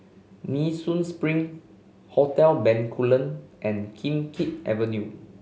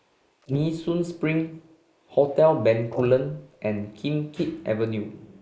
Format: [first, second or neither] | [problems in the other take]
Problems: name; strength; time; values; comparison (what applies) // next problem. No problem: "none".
first | noise reduction (neural mask model Resemble Enhance denoiser)